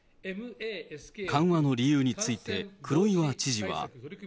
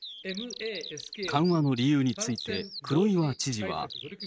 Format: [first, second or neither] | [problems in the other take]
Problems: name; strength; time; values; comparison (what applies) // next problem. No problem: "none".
first | noise reduction (neural mask model RNNoise)